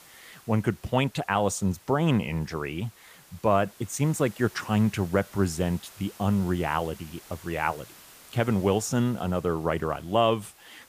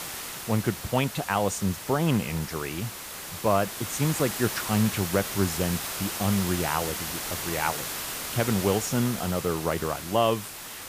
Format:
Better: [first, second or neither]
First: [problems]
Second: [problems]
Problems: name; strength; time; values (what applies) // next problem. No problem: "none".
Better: first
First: hiss; faint; throughout; 20 dB below the speech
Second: hiss; loud; throughout; 5 dB below the speech